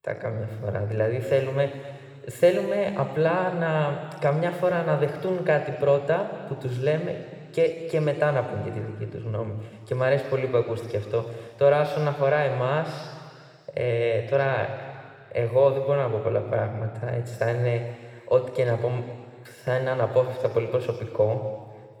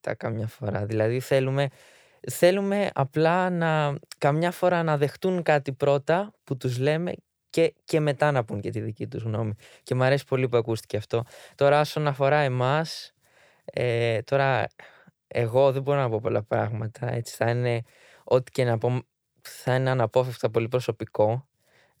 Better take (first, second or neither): second